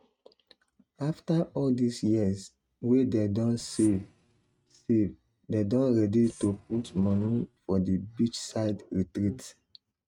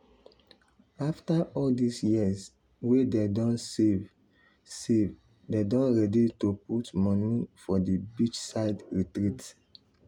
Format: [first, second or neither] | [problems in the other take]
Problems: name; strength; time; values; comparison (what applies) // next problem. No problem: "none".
second | noise reduction (neural mask model RNNoise)